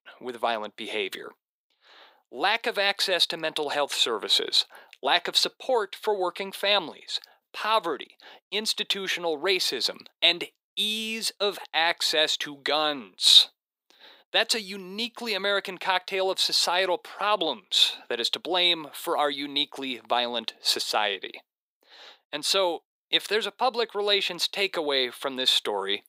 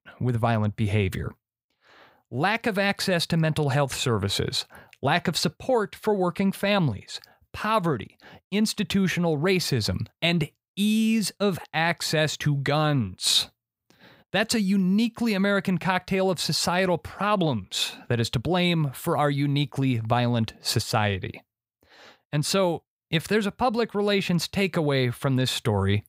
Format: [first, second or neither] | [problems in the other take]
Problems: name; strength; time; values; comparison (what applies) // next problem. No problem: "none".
second | thin; very; fading below 350 Hz